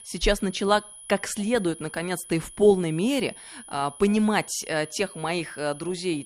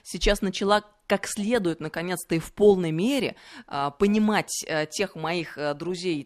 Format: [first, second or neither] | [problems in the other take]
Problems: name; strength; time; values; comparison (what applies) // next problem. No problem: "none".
second | high-pitched whine; noticeable; throughout; 10.5 kHz, 15 dB below the speech